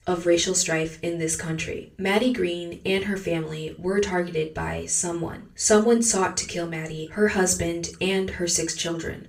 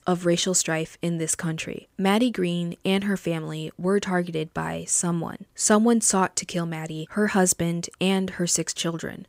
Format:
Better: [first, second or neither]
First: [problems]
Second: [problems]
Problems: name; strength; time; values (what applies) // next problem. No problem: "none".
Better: second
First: room echo; very slight; dies away in 0.3 s // off-mic speech; far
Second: none